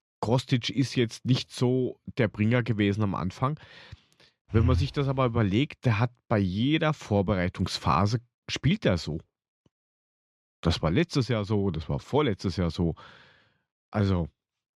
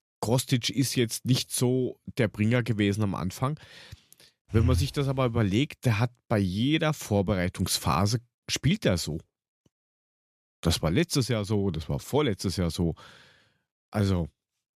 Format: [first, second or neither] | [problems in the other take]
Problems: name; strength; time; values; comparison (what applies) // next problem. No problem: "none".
second | muffled; very slightly; fading above 4 kHz